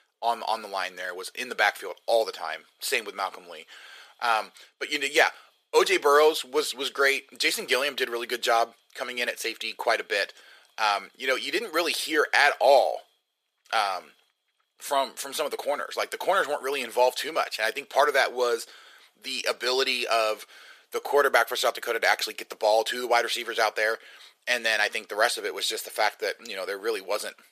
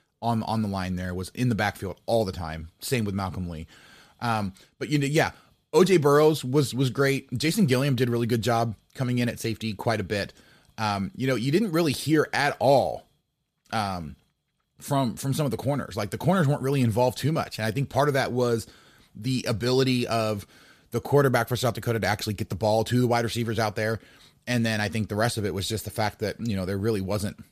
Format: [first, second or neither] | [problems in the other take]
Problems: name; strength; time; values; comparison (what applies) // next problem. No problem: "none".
second | thin; very; fading below 450 Hz